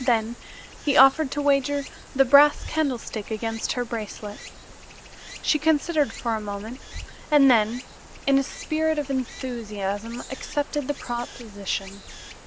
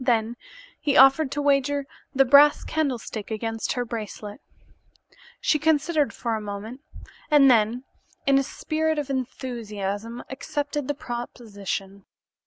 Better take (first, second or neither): second